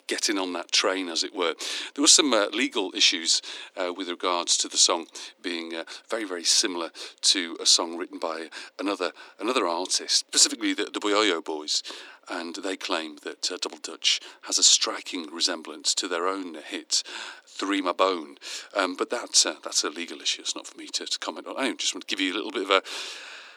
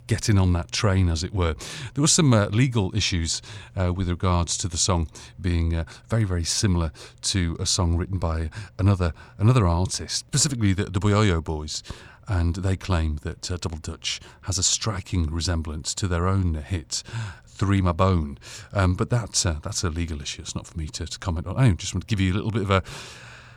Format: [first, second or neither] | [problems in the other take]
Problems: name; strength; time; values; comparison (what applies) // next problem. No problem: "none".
second | thin; very; fading below 300 Hz